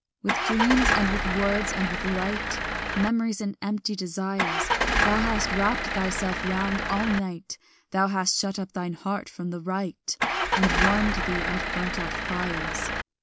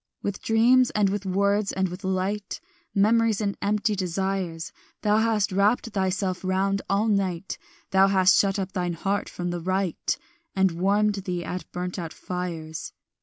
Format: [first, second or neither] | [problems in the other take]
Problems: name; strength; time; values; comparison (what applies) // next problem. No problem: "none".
second | background sound (Engine starting / Car); 2 dB above the speech